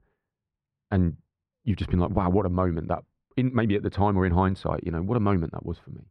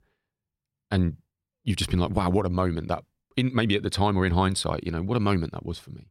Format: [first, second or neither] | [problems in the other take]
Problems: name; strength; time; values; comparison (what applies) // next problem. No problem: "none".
second | muffled; very; fading above 3.5 kHz